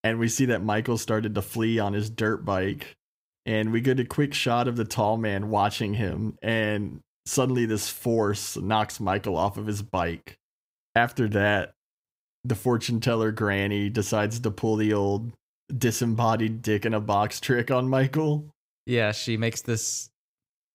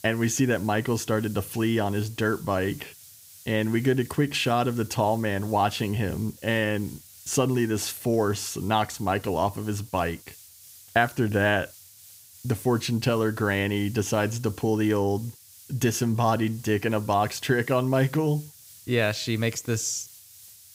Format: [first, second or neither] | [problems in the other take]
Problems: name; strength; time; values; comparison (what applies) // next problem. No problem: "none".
first | hiss; faint; throughout; 20 dB below the speech